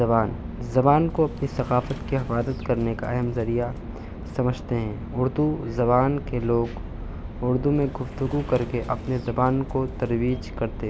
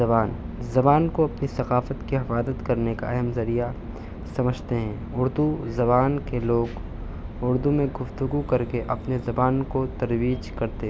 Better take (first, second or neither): second